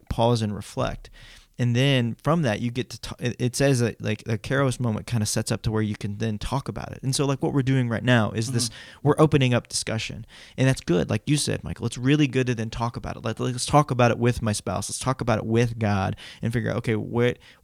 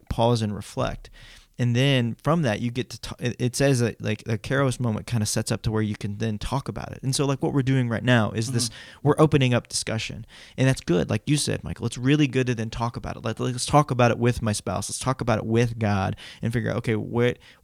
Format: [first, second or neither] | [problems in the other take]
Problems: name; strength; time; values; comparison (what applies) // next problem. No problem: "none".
neither | none